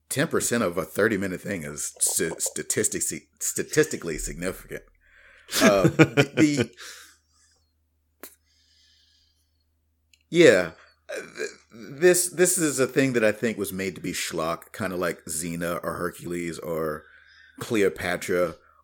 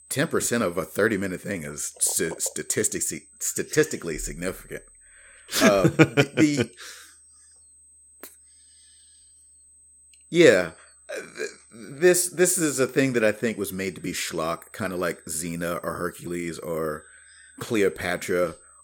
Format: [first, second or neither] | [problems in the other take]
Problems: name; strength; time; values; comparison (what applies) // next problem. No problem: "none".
first | high-pitched whine; faint; throughout; 8 kHz, 25 dB below the speech